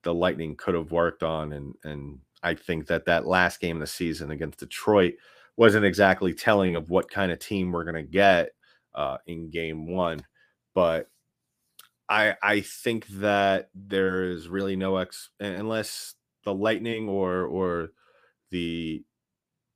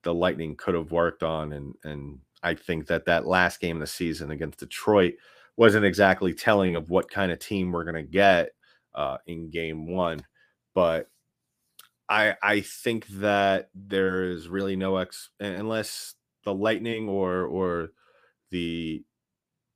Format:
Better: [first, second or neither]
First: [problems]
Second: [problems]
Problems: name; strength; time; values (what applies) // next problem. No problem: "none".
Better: neither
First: none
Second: none